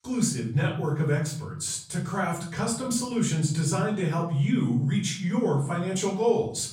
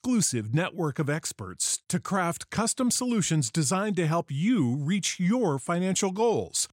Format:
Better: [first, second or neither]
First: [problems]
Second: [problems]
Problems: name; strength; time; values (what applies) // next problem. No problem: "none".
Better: second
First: off-mic speech; far // room echo; slight; dies away in 0.6 s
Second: none